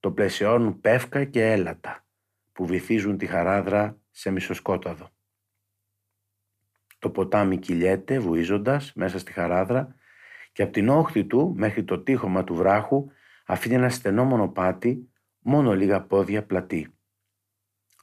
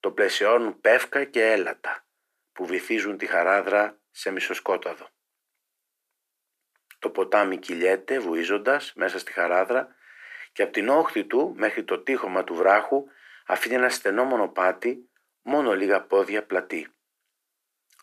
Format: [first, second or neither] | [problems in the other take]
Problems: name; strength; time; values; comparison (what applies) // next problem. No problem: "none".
first | thin; somewhat; fading below 350 Hz